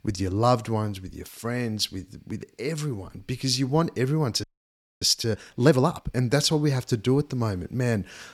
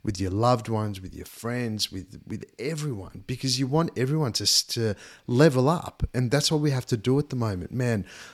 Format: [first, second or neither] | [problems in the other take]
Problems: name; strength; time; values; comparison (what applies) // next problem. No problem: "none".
second | audio freezing; at 4.5 s for 0.5 s